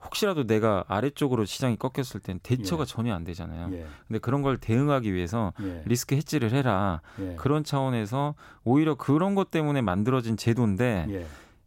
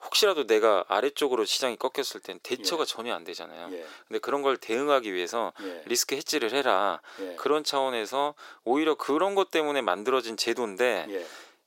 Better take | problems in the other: first | thin; very; fading below 400 Hz

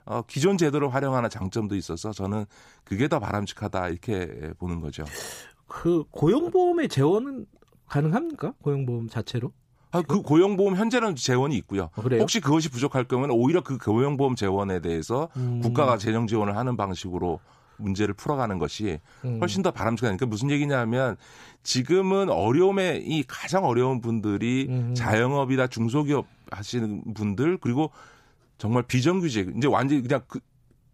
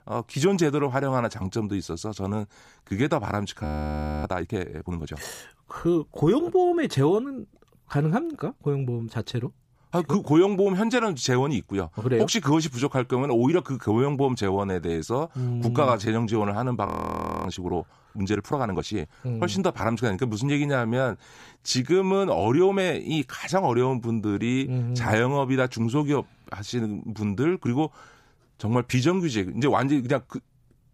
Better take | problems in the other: first | audio freezing; at 3.5 s for 0.5 s and at 17 s for 0.5 s

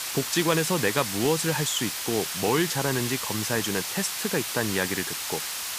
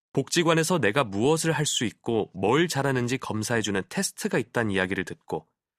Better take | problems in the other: second | hiss; loud; throughout; 2 dB below the speech

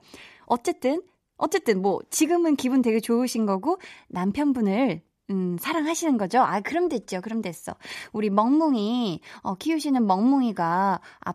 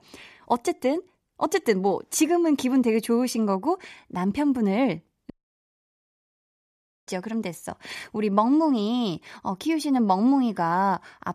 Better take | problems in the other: first | audio cutting out; at 5.5 s for 2 s

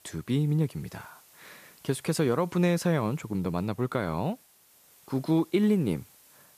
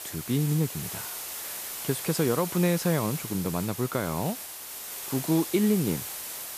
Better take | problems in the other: first | hiss; loud; throughout; 7 dB below the speech; faint in the first

